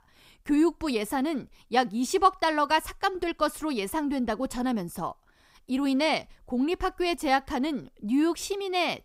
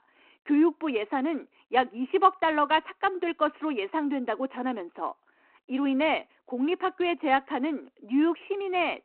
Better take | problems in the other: first | phone-call audio

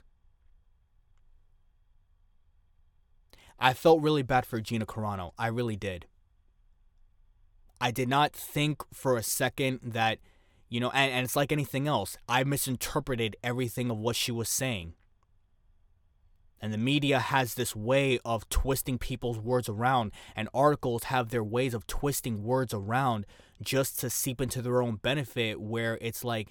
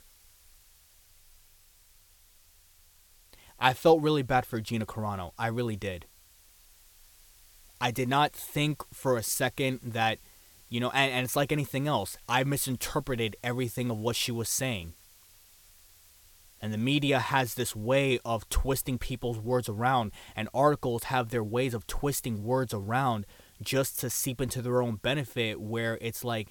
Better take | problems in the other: first | hiss; faint; throughout; 25 dB below the speech

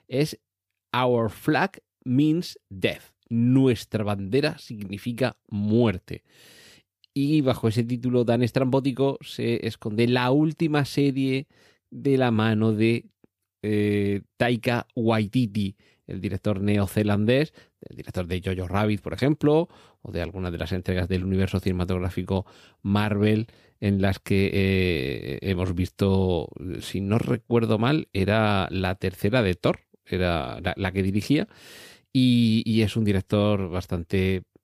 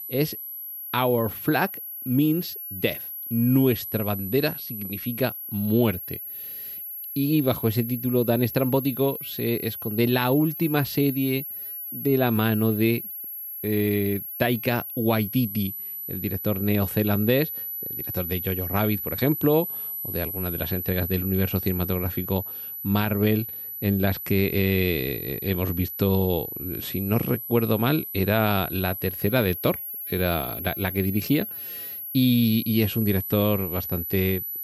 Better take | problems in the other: first | high-pitched whine; loud; throughout; 11.5 kHz, 6 dB below the speech

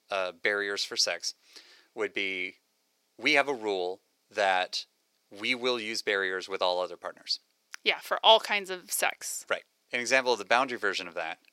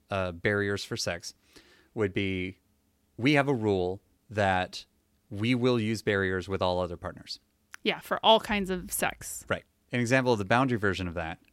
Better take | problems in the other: second | thin; somewhat; fading below 550 Hz

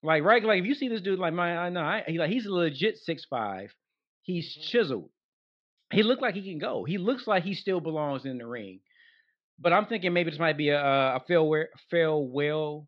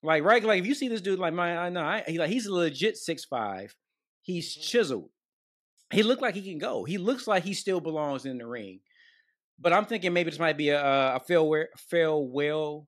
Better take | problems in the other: second | muffled; very slightly; fading above 4 kHz

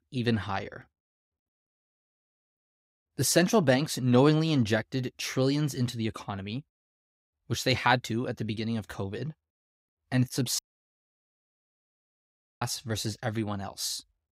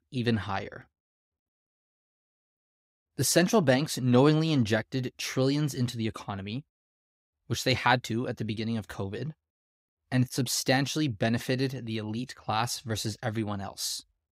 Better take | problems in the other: second | audio cutting out; at 11 s for 2 s

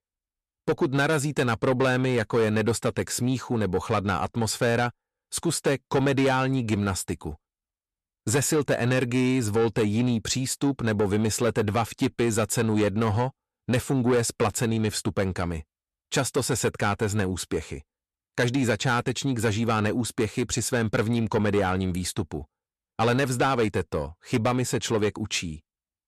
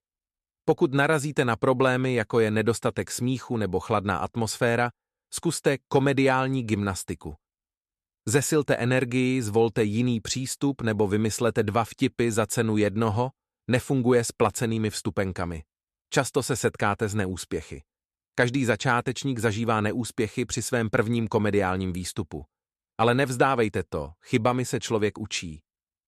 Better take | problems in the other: second | distortion; slight; 10 dB below the speech

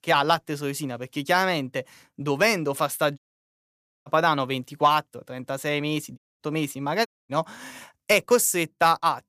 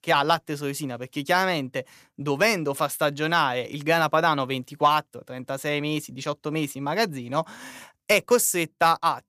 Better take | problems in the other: second | audio cutting out; at 3 s for 1 s, at 6 s and at 7 s

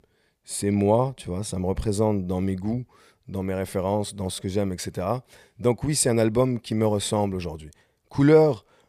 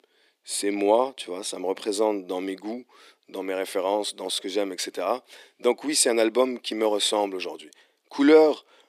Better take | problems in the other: first | thin; very slightly; fading below 300 Hz

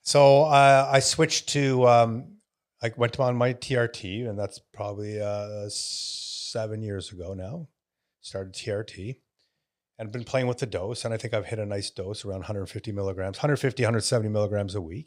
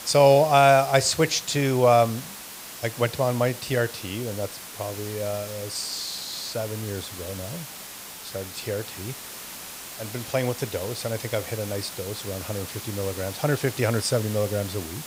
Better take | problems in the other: first | hiss; noticeable; throughout; 10 dB below the speech

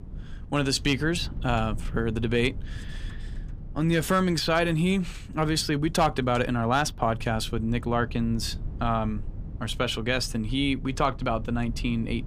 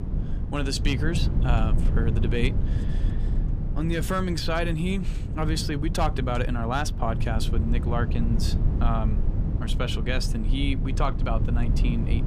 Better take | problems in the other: first | low rumble; loud; throughout; 9 dB below the speech; faint in the first

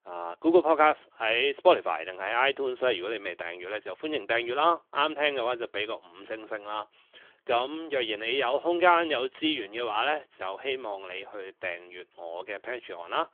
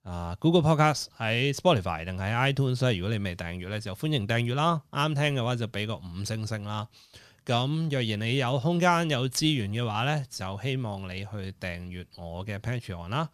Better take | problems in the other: second | phone-call audio; nothing above 3.5 kHz

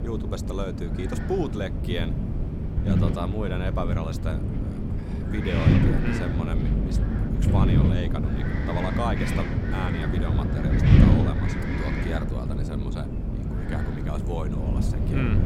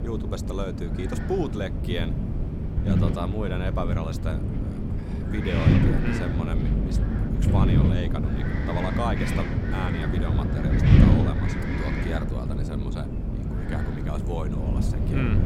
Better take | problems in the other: neither | wind noise on the microphone; heavy; 1 dB above the speech; the same in both

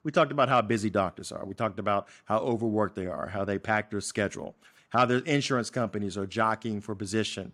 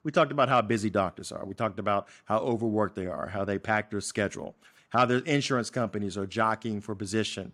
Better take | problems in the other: neither | none

